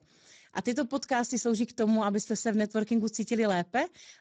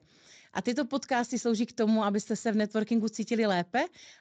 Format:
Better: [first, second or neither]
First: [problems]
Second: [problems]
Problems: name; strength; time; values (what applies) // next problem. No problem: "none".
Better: second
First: garbled, watery; badly; nothing above 7.5 kHz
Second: garbled, watery; slightly; nothing above 7.5 kHz